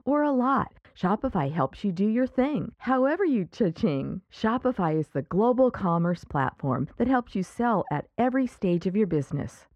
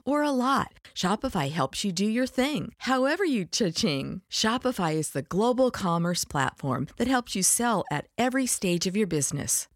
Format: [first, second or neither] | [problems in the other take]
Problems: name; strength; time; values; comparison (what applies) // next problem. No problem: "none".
second | muffled; very; fading above 3.5 kHz